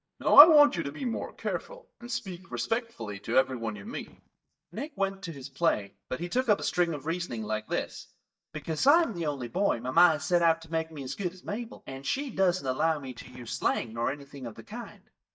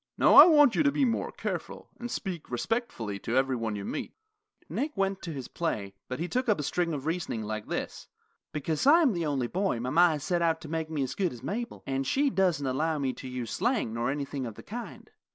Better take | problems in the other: second | noise reduction (neural mask model DeepFilterNet 3)

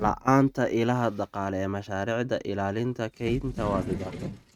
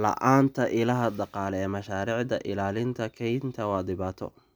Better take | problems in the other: second | noise reduction (neural mask model RNNoise)

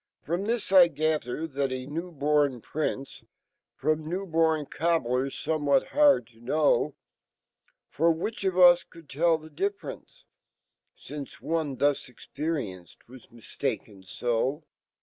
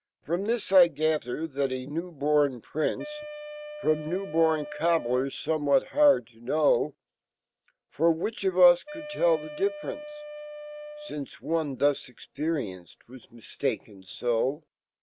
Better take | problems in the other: first | background sound (Wind instrument, woodwind instrument); 13 dB below the speech

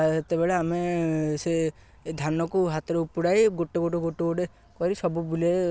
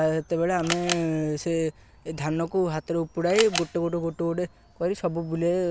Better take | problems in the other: first | background sound (Camera); 12 dB below the speech

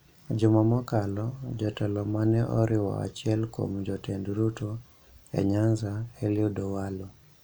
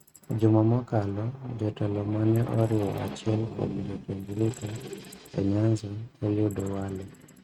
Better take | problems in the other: first | noise reduction (neural mask model RNNoise)

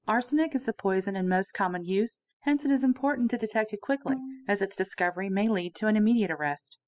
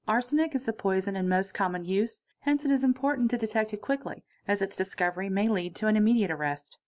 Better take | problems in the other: second | noise reduction (classical method spectral subtraction)

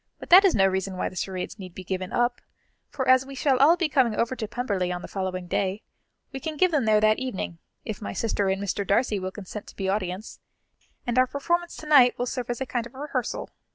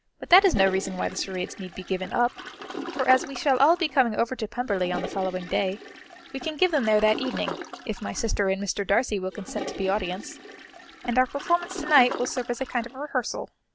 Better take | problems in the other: first | background sound (Toilet flush); 12 dB below the speech

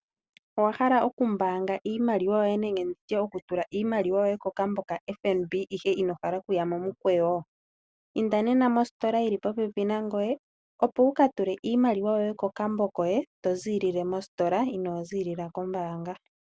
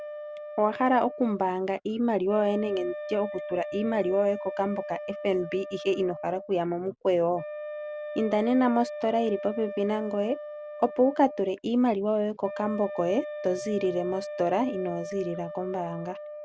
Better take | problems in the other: first | background sound (Wind instrument, woodwind instrument); 10 dB below the speech

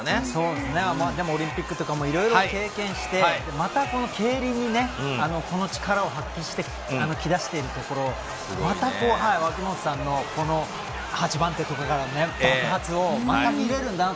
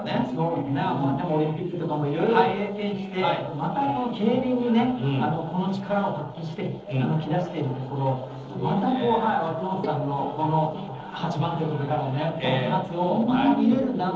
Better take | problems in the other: first | noise reduction (neural separator model SepFormer DNS4)

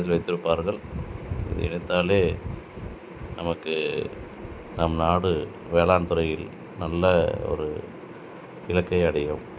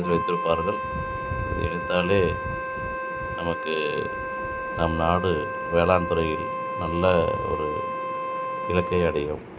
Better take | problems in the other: first | background sound (Wind instrument, woodwind instrument); 4 dB below the speech

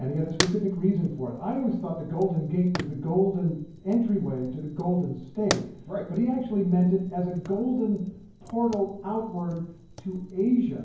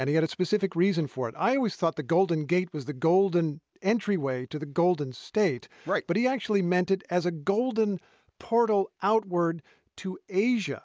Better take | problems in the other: second | background sound (Fire); 13 dB below the speech // room echo; dies away in 0.9 s

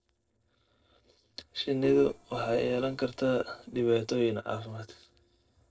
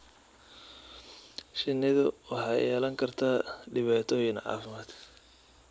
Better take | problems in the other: second | noise reduction (neural separator model SepFormer DNS4)

